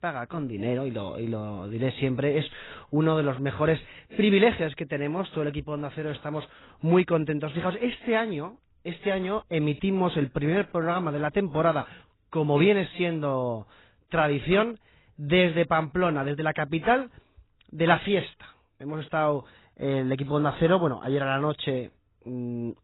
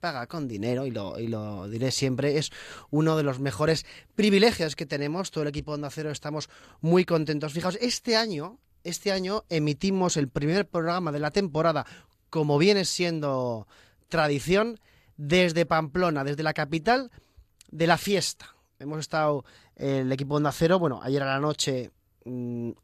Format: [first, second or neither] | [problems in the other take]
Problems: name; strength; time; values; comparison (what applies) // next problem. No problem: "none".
second | garbled, watery; badly; nothing above 4 kHz